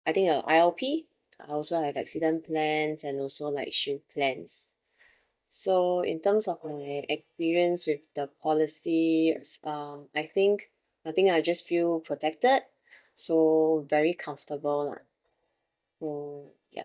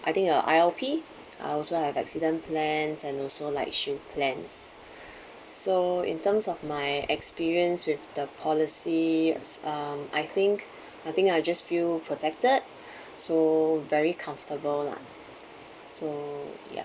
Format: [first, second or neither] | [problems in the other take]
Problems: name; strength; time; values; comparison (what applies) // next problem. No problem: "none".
second | noise reduction (neural mask model DeepFilterNet 3)